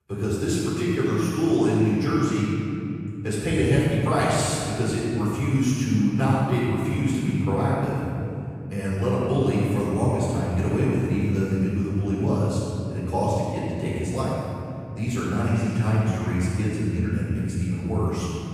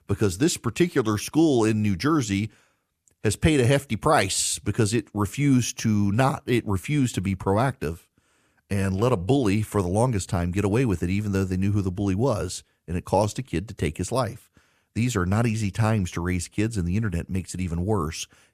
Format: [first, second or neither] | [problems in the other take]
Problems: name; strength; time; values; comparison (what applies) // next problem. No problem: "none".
second | room echo; strong; dies away in 2.9 s // off-mic speech; far